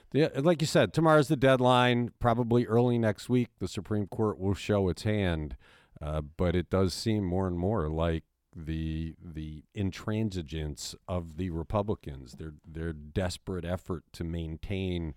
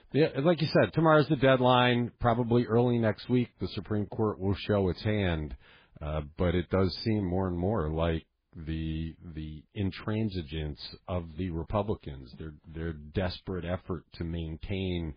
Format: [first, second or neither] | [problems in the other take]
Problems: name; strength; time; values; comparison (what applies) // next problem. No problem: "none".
first | garbled, watery; badly